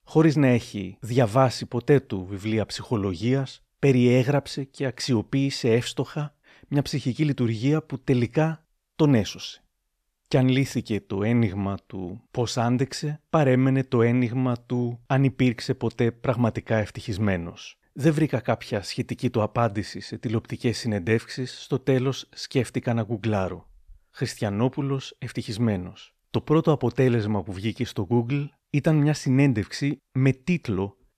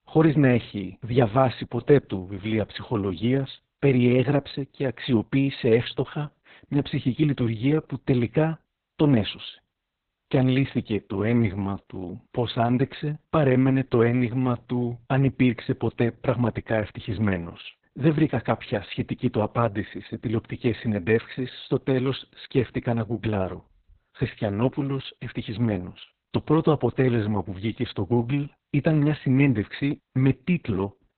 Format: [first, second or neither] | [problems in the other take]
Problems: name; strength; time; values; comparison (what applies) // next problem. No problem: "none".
first | garbled, watery; badly; nothing above 4 kHz